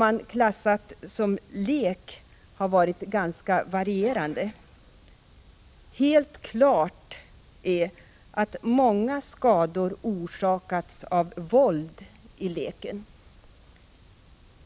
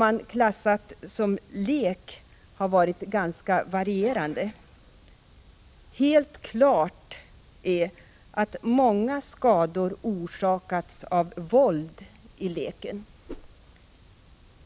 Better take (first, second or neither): first